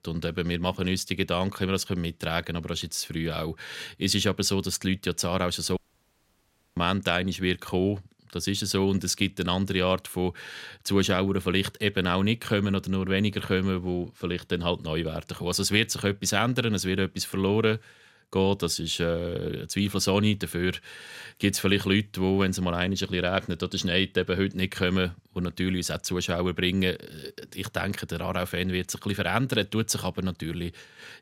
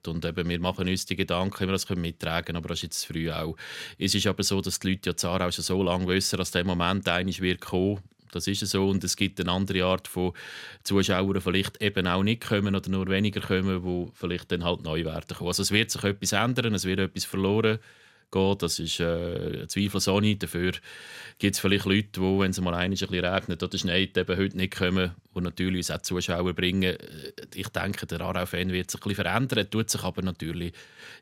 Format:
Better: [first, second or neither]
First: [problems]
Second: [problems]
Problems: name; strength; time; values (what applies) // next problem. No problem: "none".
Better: second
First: audio cutting out; at 6 s for 1 s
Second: none